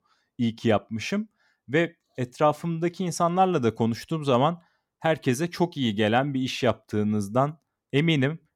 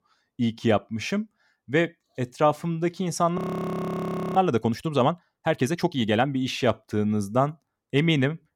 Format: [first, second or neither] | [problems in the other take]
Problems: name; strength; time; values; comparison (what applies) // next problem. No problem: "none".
first | audio freezing; at 3.5 s for 1 s